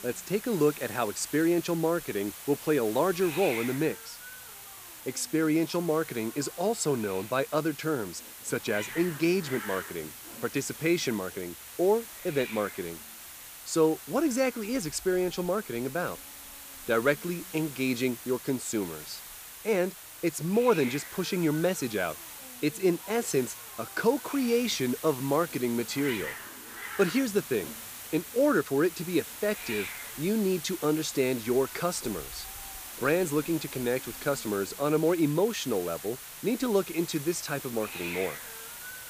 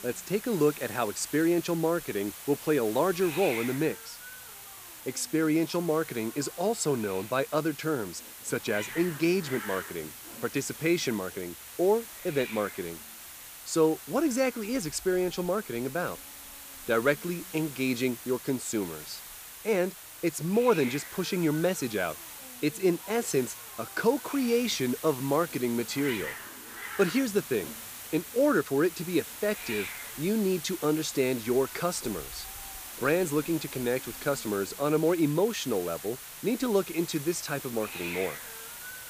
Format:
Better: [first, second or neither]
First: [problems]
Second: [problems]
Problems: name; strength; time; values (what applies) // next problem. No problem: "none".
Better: neither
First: hiss; noticeable; throughout; 10 dB below the speech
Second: hiss; noticeable; throughout; 10 dB below the speech